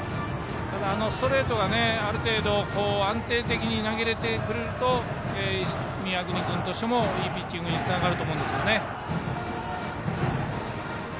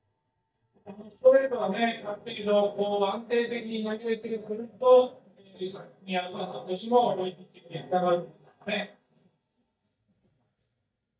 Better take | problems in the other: first | noise reduction (neural mask model DeepFilterNet 3)

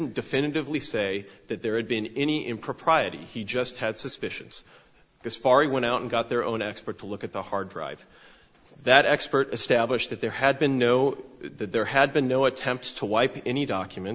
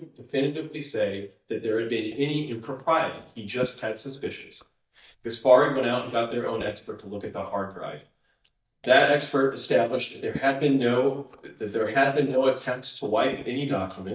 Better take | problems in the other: first | noise reduction (neural mask model DeepFilterNet 3)

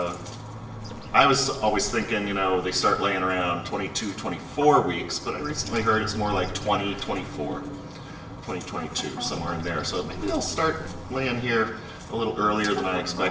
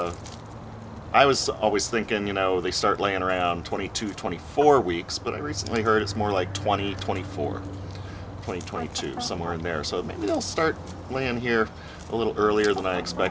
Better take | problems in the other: second | background sound (Bird); 15 dB below the speech // room echo; dies away in 0.8 s

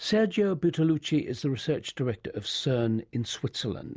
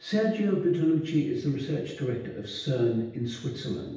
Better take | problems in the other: first | room echo; dies away in 0.9 s

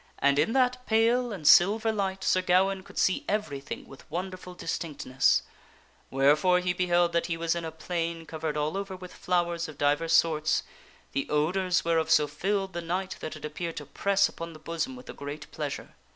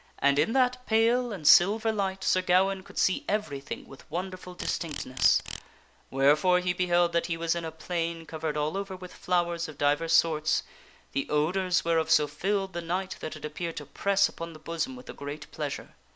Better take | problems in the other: first | background sound (Insect); 14 dB below the speech

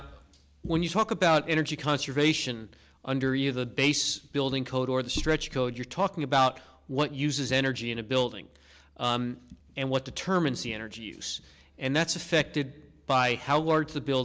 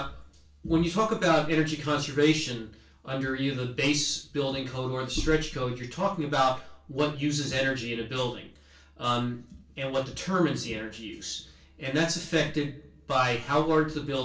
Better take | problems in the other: first | room echo; dies away in 0.3 s

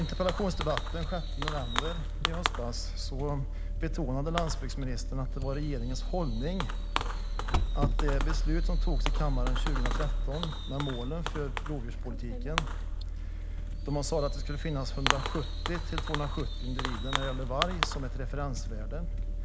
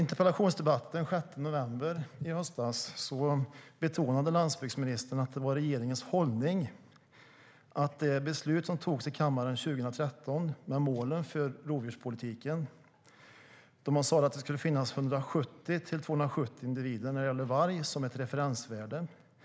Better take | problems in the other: second | background sound (Fireworks); 5 dB above the speech

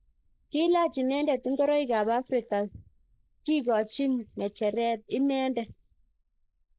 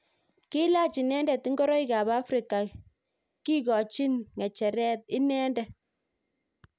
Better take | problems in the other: second | noise reduction (neural mask model Resemble Enhance denoiser)

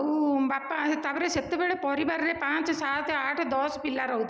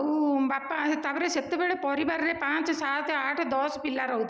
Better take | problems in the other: first | noise reduction (neural mask model Resemble Enhance denoiser)

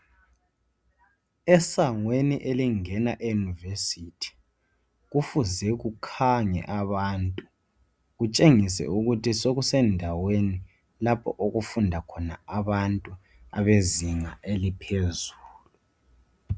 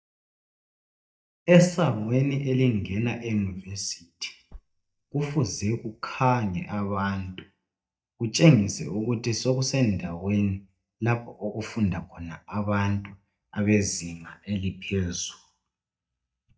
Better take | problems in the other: first | noise reduction (neural mask model DeepFilterNet 3)

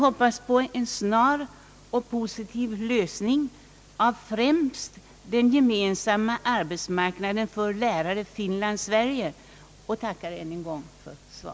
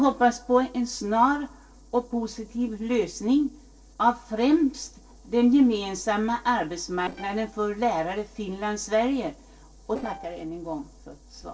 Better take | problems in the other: first | noise reduction (neural separator model SepFormer DNS4)

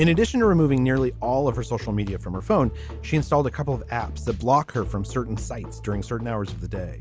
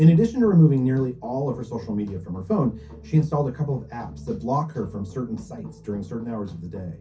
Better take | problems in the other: first | room echo; dies away in 0.3 s

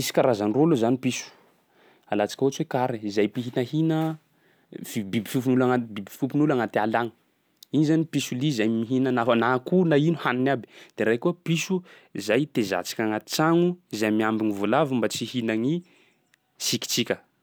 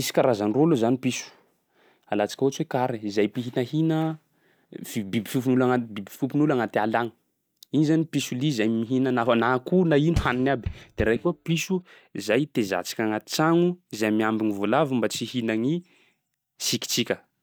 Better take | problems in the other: first | noise reduction (neural mask model DeepFilterNet 3)

